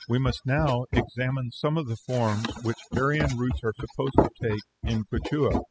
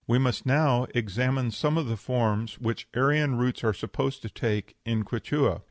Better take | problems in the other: second | noise reduction (classical method spectral subtraction)

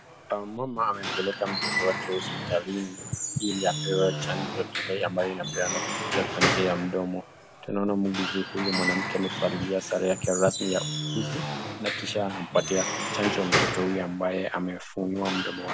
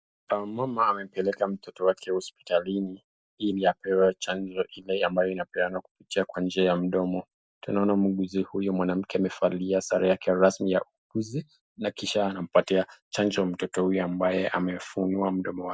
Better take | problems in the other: second | background sound (Squeak / Wood); 2 dB below the speech

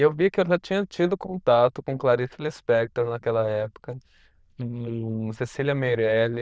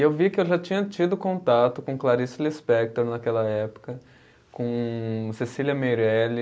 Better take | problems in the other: second | noise reduction (neural diffusion model UNIVERSE++)

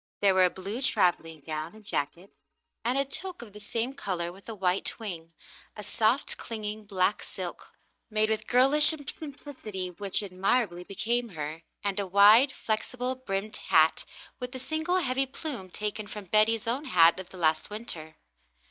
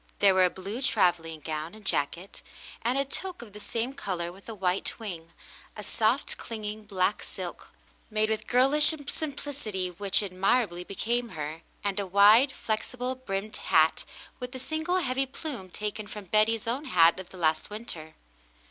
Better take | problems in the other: second | noise reduction (neural mask model DeepFilterNet 3)

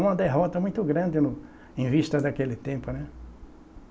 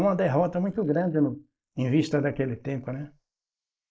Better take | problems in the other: first | noise reduction (neural mask model Resemble Enhance denoiser)

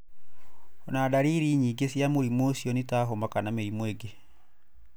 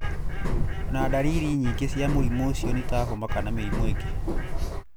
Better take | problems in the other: first | background sound (Bird); 3 dB above the speech

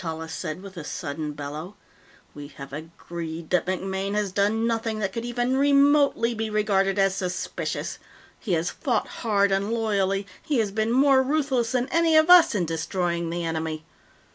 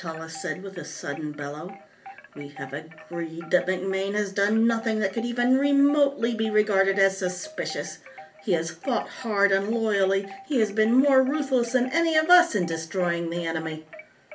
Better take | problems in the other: first | background sound (Wind chime); 20 dB below the speech // room echo; dies away in 0.3 s

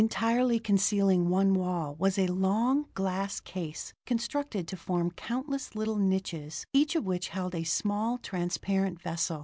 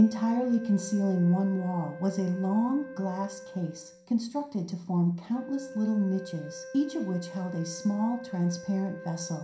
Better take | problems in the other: first | background sound (Wind instrument, woodwind instrument); 15 dB below the speech // room echo; dies away in 0.5 s

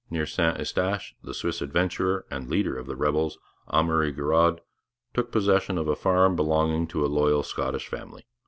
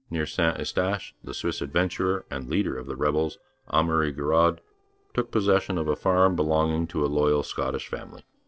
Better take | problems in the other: first | noise reduction (neural separator model SepFormer DNS4)

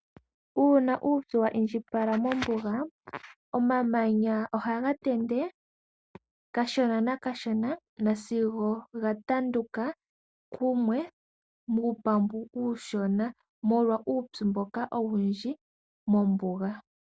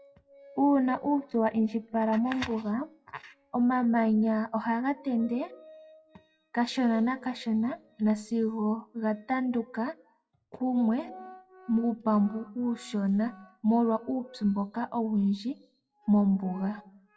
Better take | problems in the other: first | noise reduction (classical method WPE with log-MMSE)

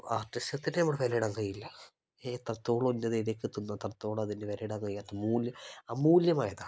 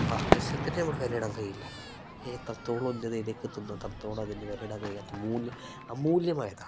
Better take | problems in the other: first | background sound (Crowd / Fireworks); 1 dB below the speech

